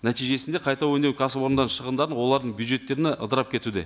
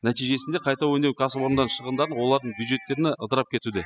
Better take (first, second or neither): first